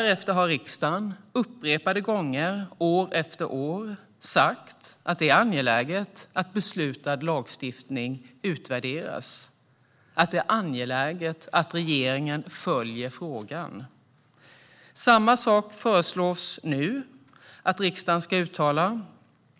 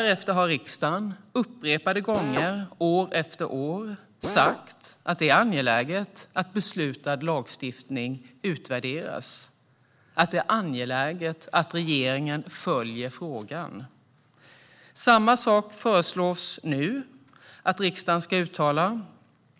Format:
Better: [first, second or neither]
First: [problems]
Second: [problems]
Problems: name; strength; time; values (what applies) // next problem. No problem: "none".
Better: first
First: none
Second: background sound (Drill); 6 dB below the speech